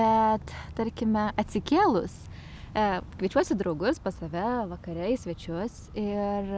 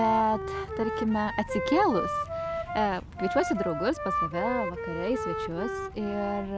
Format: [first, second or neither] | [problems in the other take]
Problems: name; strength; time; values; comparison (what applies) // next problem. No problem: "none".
first | background sound (Wind instrument, woodwind instrument); 4 dB below the speech